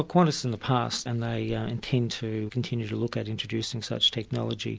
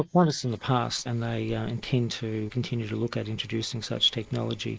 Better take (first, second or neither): first